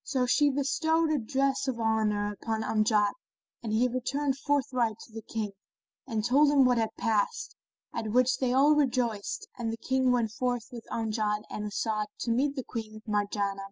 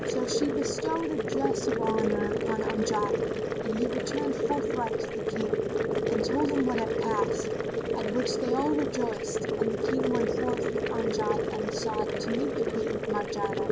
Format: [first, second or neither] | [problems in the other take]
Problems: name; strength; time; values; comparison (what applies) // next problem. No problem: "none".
first | background sound (Boiling); 4 dB above the speech